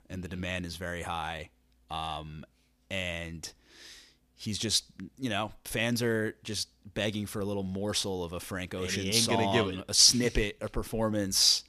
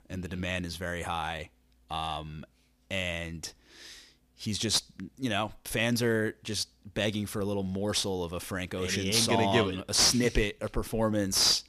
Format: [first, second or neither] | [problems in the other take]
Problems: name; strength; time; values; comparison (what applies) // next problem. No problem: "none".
first | distortion; slight; 10 dB below the speech